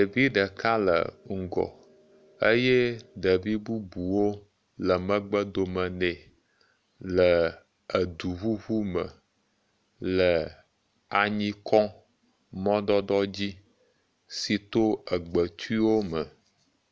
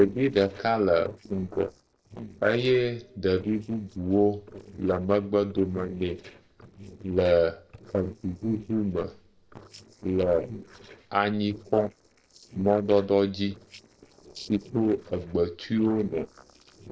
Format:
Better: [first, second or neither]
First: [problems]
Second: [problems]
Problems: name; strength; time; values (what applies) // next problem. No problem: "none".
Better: first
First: none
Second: noise reduction (neural separator model SepFormer DNS4)